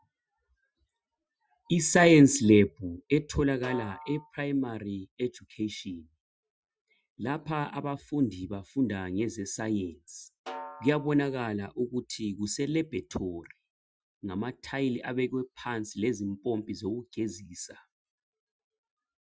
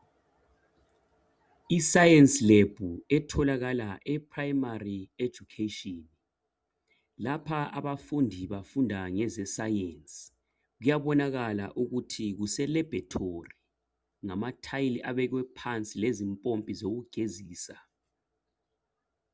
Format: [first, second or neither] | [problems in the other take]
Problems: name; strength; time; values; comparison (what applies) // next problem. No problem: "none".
second | noise reduction (classical method Wiener filter)